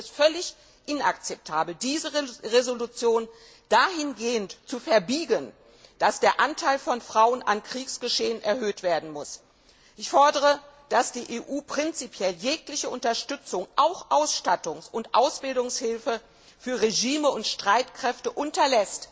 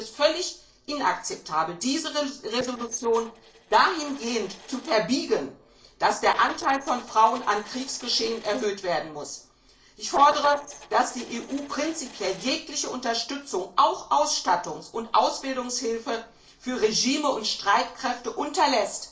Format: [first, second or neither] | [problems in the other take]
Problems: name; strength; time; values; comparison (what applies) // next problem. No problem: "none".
first | noise reduction (neural separator model SepFormer DNS4)